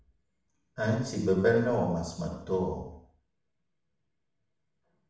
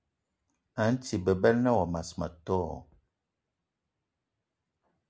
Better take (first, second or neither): second